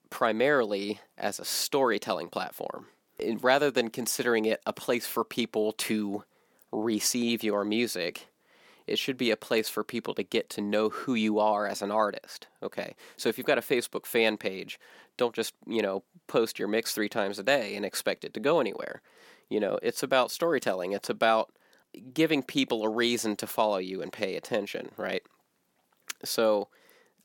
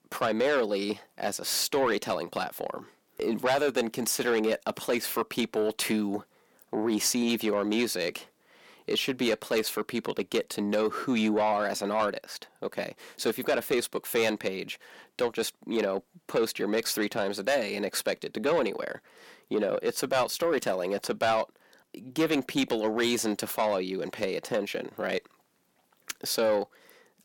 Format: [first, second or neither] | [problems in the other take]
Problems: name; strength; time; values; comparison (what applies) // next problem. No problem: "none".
first | distortion; slight; 10 dB below the speech